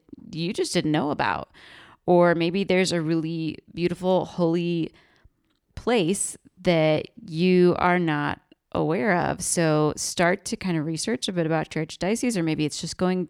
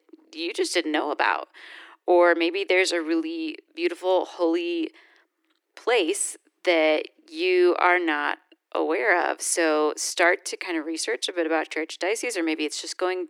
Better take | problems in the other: first | thin; very; fading below 300 Hz

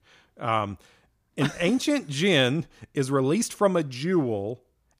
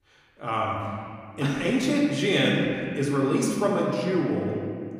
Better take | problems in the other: first | room echo; noticeable; dies away in 2.1 s // off-mic speech; far

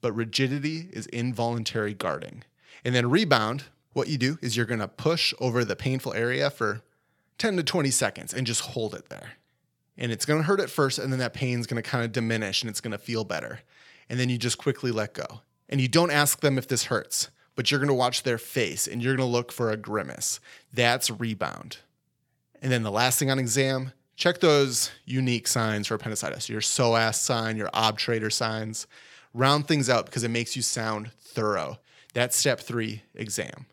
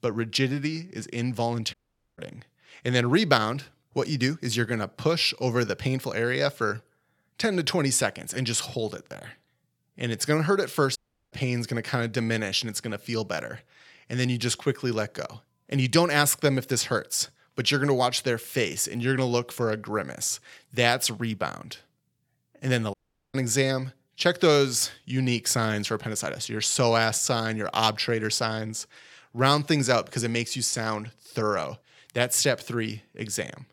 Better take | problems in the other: first | audio cutting out; at 1.5 s, at 11 s and at 23 s

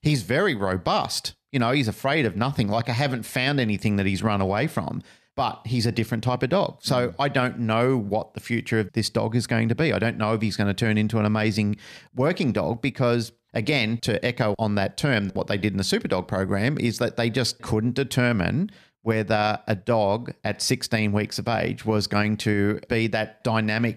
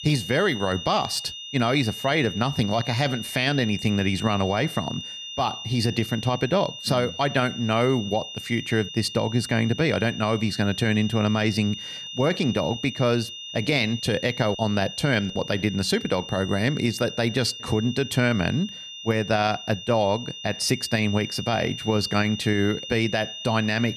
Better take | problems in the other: first | high-pitched whine; loud; throughout; 3 kHz, 10 dB below the speech

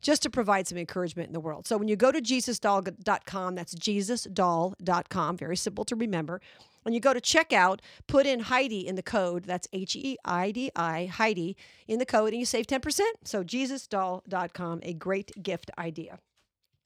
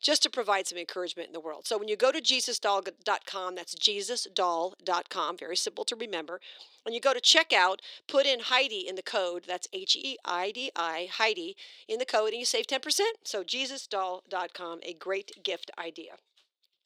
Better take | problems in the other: first | thin; somewhat; fading below 350 Hz

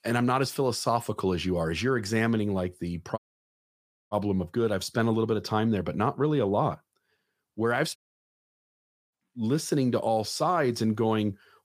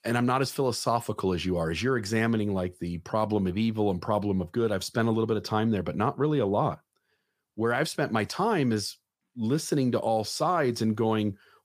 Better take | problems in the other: second | audio cutting out; at 3 s for 1 s and at 8 s for 1 s

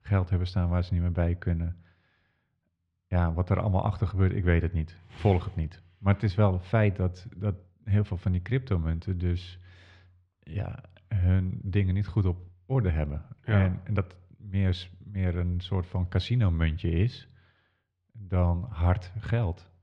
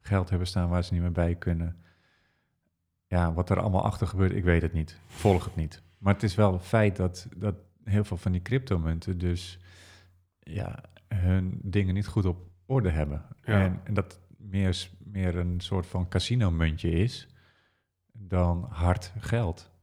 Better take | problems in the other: second | muffled; very slightly; fading above 3 kHz

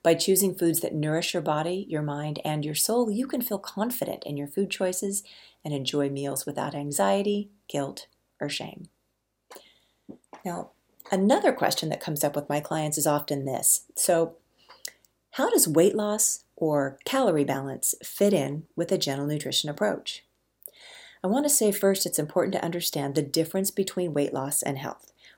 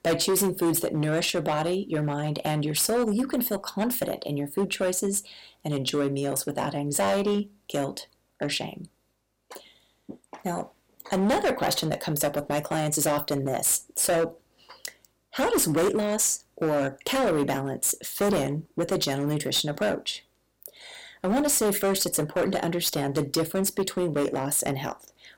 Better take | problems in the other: first | distortion; heavy; 10% of the sound clipped

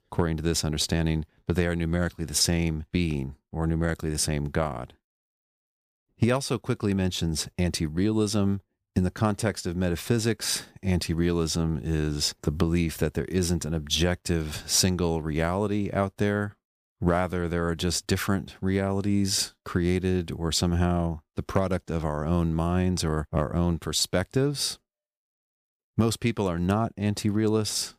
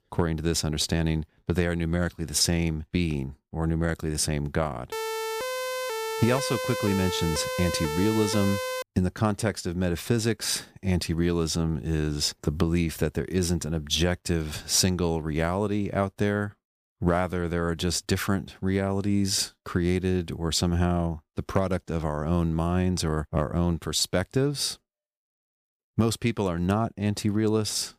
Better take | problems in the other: first | siren; noticeable; from 5 to 9 s; peak 3 dB below the speech

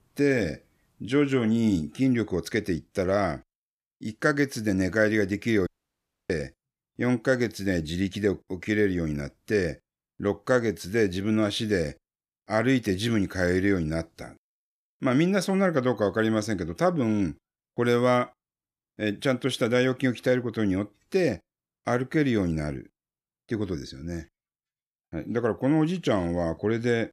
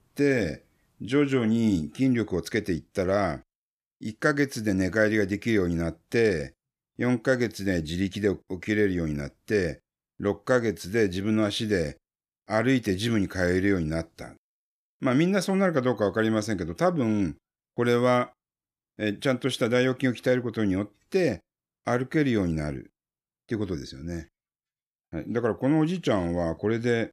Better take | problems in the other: second | audio cutting out; at 5.5 s for 0.5 s

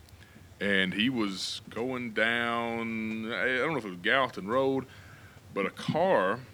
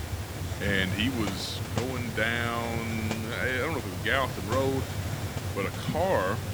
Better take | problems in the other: first | hiss; loud; throughout; 4 dB below the speech; faint in the first

